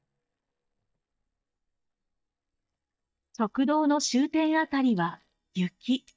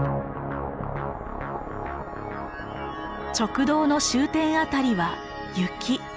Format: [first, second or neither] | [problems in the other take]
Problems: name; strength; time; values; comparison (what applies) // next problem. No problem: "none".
second | noise reduction (neural mask model DeepFilterNet 3)